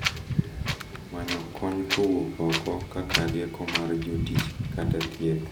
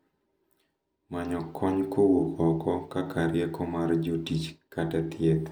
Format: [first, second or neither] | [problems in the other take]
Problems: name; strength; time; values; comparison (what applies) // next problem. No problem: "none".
second | background sound (Wind); 1 dB below the speech